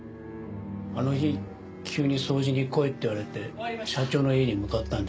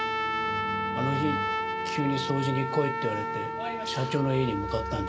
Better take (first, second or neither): first